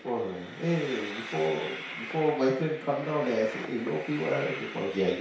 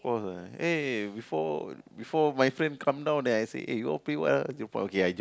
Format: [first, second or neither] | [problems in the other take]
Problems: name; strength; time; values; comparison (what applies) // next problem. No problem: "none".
second | background sound (Train); 11 dB below the speech // room echo; dies away in 0.6 s